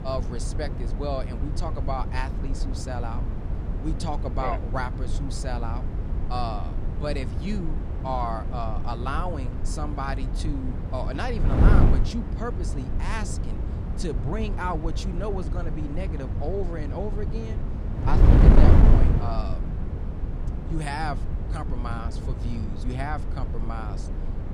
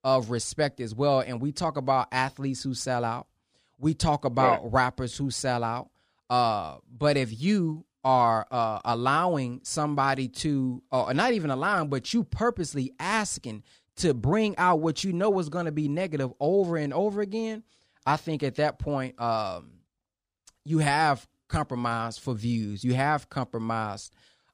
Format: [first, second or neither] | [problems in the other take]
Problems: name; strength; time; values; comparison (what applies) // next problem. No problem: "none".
second | wind noise on the microphone; heavy; 4 dB below the speech